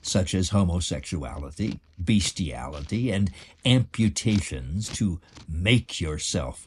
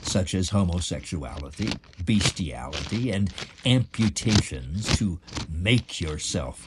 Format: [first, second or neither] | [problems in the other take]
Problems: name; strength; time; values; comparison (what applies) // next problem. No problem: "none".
first | household noises; loud; throughout; 5 dB below the speech; faint in the first